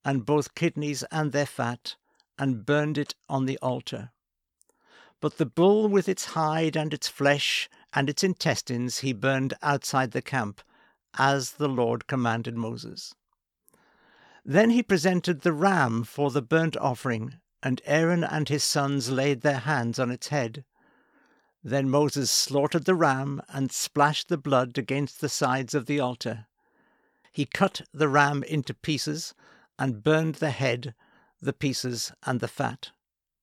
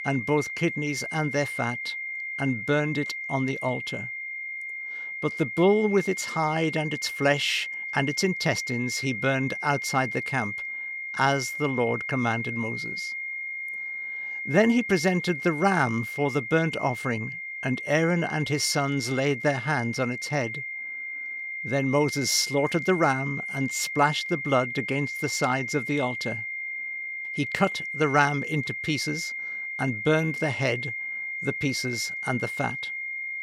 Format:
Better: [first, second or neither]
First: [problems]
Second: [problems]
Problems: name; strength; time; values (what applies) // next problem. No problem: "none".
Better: first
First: none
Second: high-pitched whine; loud; throughout; 2 kHz, 5 dB below the speech